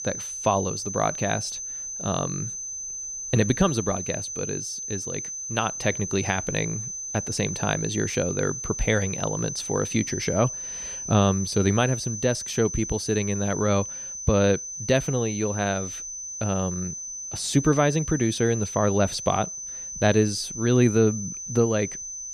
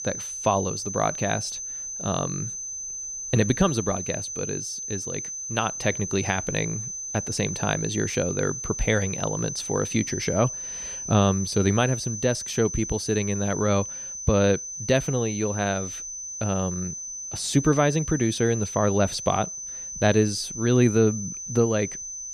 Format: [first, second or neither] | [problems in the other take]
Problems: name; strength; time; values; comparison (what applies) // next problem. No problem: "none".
neither | high-pitched whine; loud; throughout; 6 kHz, 6 dB below the speech; the same in both